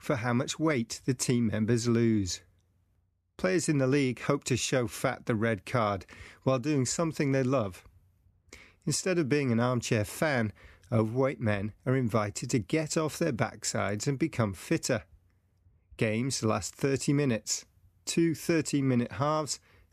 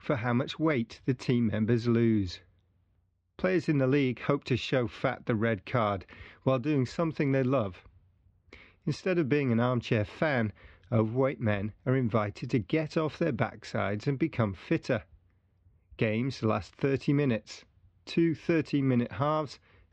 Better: first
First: none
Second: muffled; slightly; fading above 4 kHz

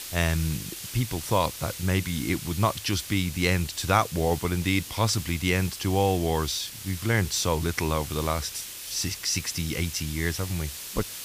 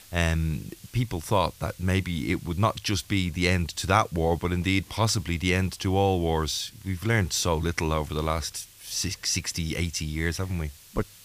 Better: second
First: hiss; loud; throughout; 9 dB below the speech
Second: hiss; faint; throughout; 25 dB below the speech

